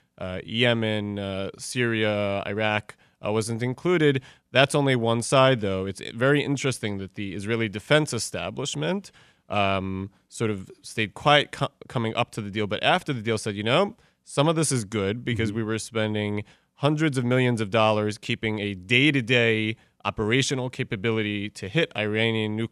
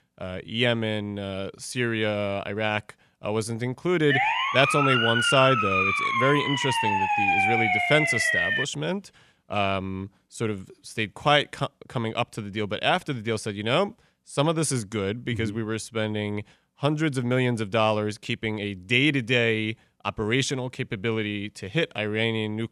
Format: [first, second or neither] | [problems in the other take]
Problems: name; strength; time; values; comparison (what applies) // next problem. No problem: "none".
first | siren; loud; from 4 to 8.5 s; peak 5 dB above the speech